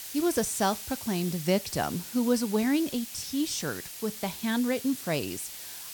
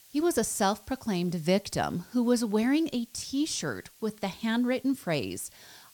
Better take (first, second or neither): second